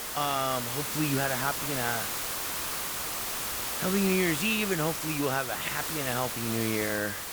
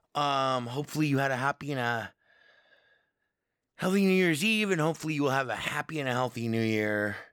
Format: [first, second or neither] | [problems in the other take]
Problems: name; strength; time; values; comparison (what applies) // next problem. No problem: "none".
second | hiss; loud; throughout; 1 dB below the speech